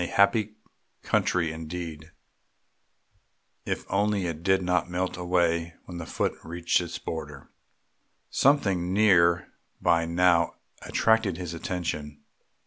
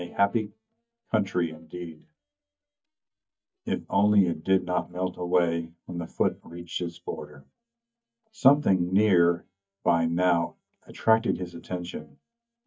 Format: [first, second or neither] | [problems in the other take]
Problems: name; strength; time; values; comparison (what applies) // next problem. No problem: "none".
first | noise reduction (neural mask model DeepFilterNet 3)